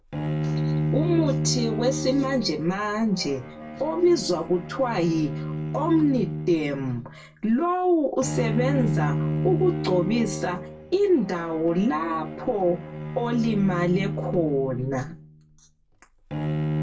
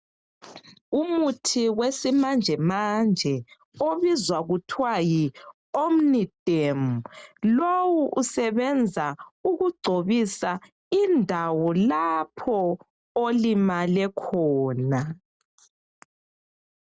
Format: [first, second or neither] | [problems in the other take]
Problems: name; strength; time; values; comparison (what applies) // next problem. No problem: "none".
second | background sound (Bowed string instrument); 4 dB below the speech // room echo; dies away in 0.2 s